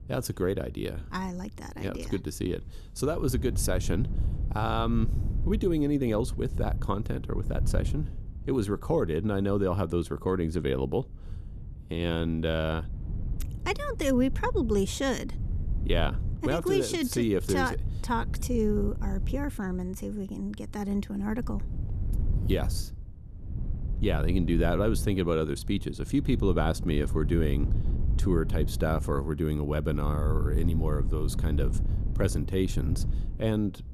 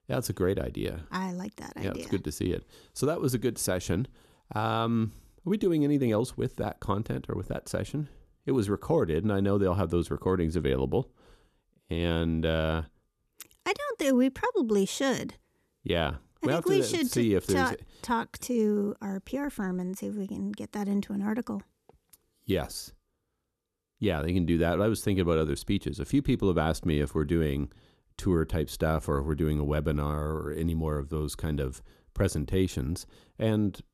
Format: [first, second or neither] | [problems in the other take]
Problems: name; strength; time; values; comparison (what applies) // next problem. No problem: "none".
second | wind noise on the microphone; occasional gusts; 15 dB below the speech